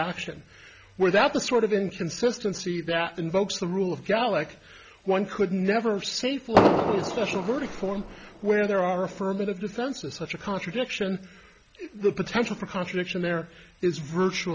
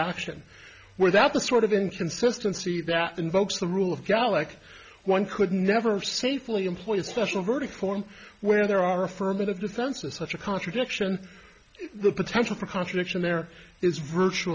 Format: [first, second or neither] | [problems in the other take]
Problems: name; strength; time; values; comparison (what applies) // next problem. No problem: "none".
second | background sound (Fireworks); as loud as the speech